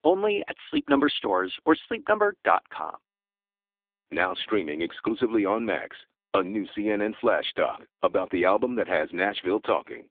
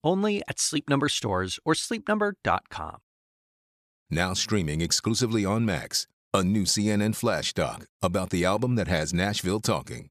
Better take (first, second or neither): second